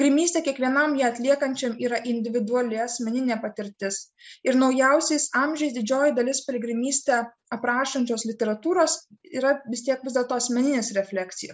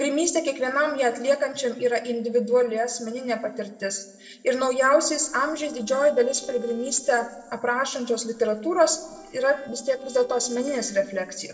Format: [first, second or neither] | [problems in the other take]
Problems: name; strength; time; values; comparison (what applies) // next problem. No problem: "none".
first | noise reduction (neural separator model SepFormer DNS4)